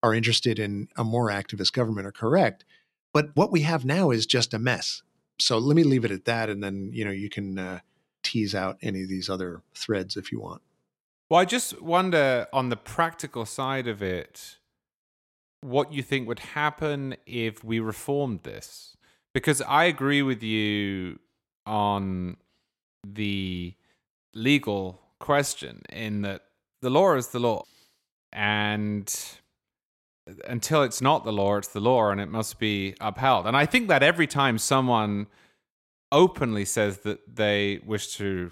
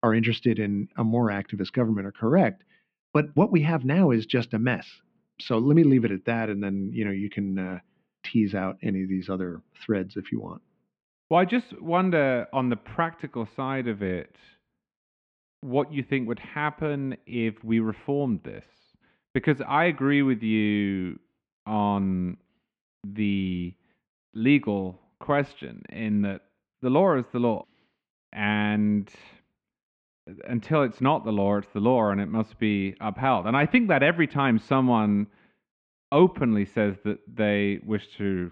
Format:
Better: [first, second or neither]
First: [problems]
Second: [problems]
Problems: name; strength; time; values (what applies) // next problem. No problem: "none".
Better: first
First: none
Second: muffled; very; fading above 2.5 kHz